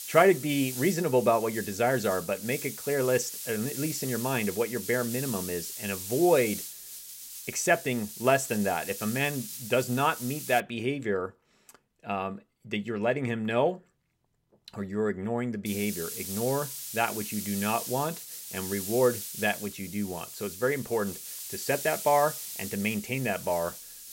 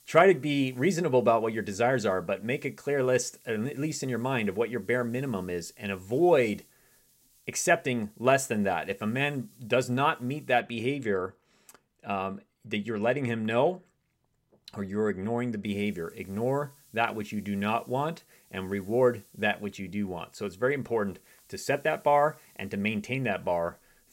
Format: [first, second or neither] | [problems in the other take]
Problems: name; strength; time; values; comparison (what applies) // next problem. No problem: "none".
second | hiss; loud; until 11 s and from 16 s on; 8 dB below the speech; faint in the second